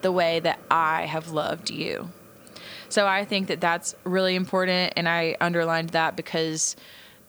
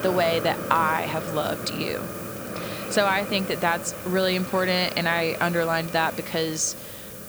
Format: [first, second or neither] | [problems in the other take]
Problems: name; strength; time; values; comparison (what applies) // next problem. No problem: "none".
first | hiss; loud; throughout; 8 dB below the speech; faint in the first